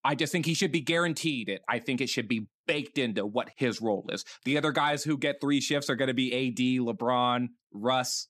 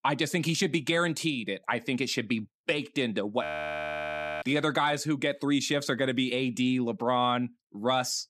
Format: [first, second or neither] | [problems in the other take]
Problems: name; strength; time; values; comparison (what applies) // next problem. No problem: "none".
first | audio freezing; at 3.5 s for 1 s